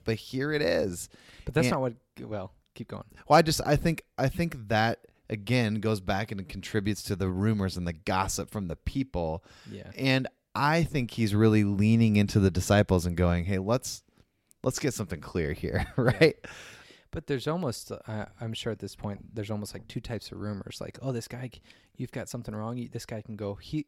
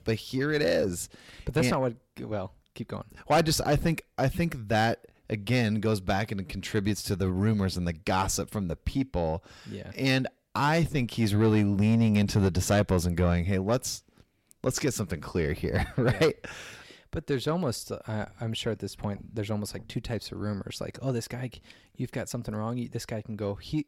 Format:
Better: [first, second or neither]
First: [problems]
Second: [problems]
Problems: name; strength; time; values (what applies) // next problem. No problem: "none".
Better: first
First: none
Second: distortion; slight; 10 dB below the speech